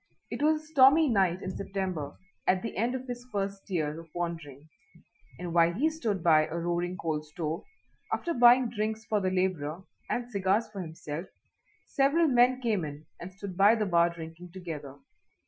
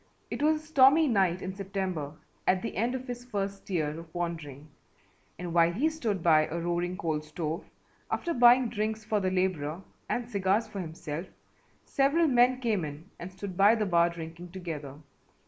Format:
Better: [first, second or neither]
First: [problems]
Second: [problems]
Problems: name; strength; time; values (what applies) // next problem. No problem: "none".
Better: second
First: noise reduction (classical method Wiener filter)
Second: none